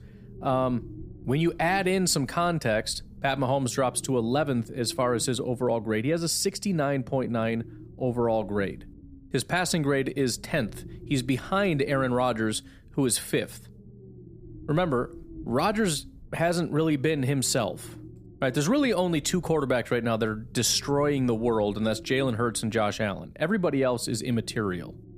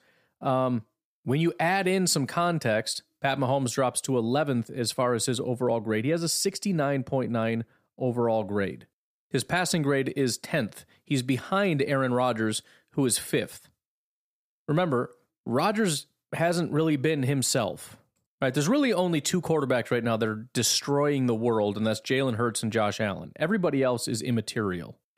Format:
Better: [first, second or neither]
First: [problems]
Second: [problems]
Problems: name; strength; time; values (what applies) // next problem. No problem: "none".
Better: second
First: low rumble; faint; throughout; 25 dB below the speech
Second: none